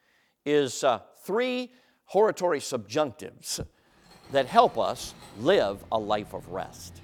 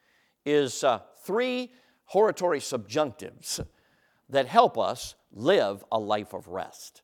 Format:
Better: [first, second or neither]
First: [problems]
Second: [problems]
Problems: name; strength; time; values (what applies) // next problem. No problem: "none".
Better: second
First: machinery noise; faint; from 4 s on; 25 dB below the speech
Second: none